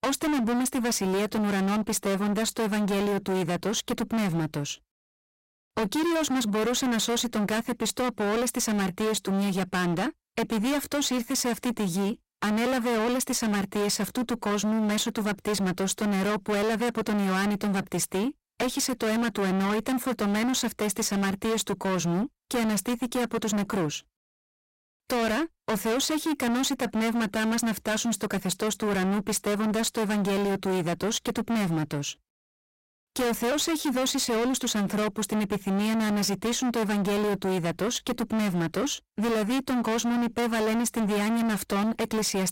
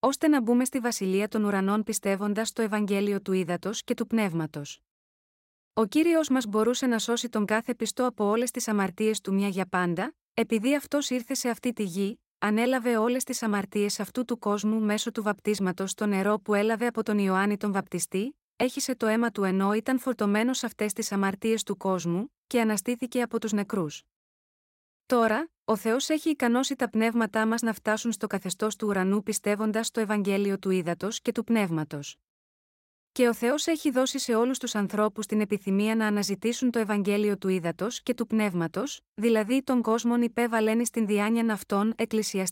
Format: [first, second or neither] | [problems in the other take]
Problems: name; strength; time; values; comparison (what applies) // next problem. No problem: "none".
second | distortion; heavy; 36% of the sound clipped